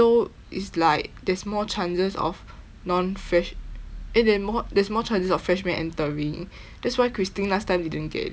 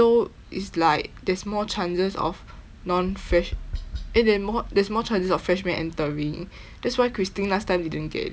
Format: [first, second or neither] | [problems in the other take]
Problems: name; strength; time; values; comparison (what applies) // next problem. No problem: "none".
first | background sound (Tap); 12 dB below the speech